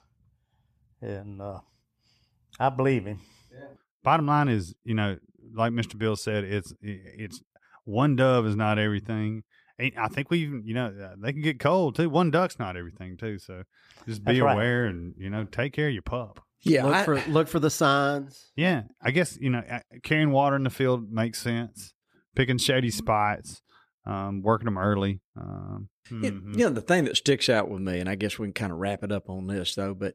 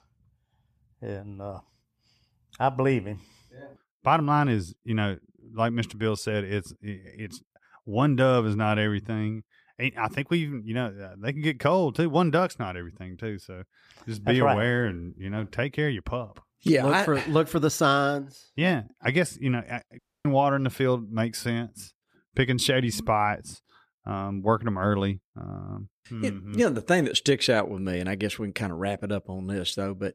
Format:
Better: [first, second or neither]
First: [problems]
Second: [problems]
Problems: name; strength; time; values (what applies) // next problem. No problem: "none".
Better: first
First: none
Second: audio cutting out; at 20 s